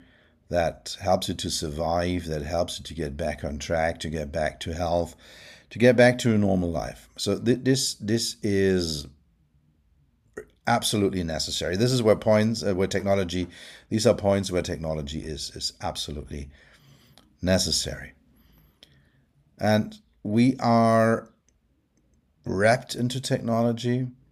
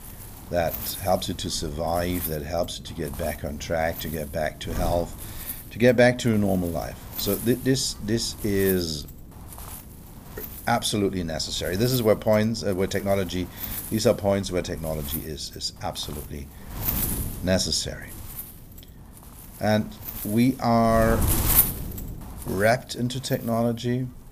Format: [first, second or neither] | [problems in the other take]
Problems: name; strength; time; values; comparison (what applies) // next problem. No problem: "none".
first | wind noise on the microphone; occasional gusts; 10 dB below the speech